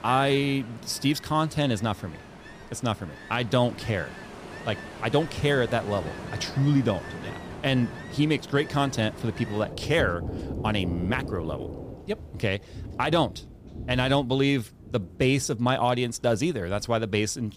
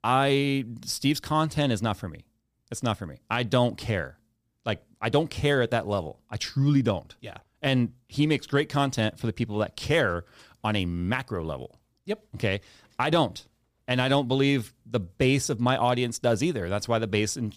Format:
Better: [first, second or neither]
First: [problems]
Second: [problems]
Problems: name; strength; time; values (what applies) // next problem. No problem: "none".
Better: second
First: rain or running water; noticeable; throughout; 10 dB below the speech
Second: none